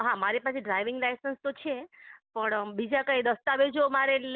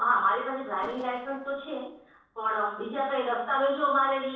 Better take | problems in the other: first | noise reduction (neural separator model SepFormer DNS4)

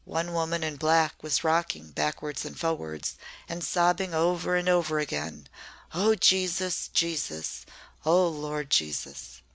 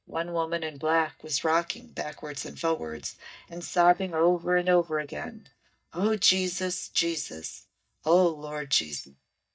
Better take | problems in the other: first | noise reduction (neural mask model DeepFilterNet 3)

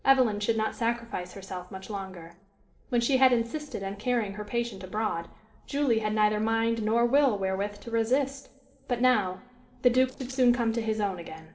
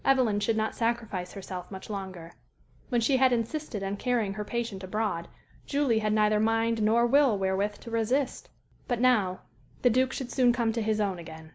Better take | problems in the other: second | noise reduction (neural separator model SepFormer DNS4)

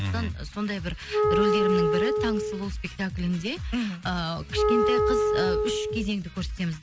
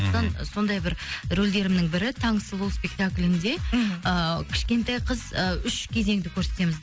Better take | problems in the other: second | background sound (Wind instrument, woodwind instrument); 3 dB above the speech

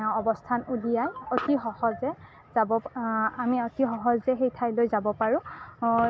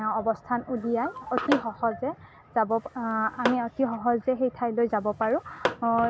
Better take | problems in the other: first | background sound (Tap / Hammer); 7 dB below the speech

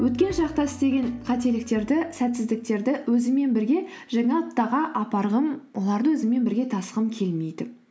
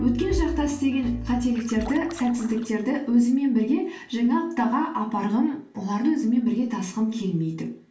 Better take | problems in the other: first | background sound (Splash, splatter); 20 dB below the speech // room echo; dies away in 0.3 s

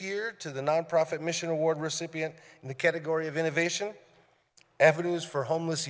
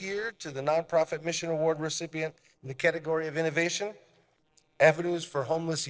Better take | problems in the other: first | noise reduction (neural separator model SepFormer DNS4)

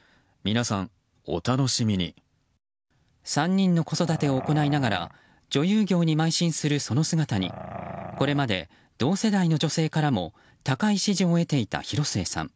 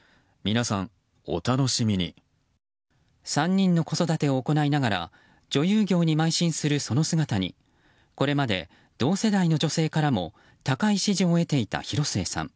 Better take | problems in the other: second | background sound (Growling); 12 dB below the speech

